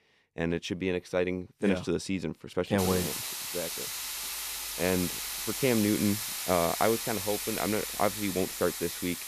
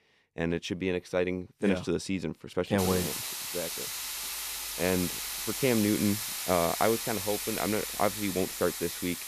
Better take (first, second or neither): neither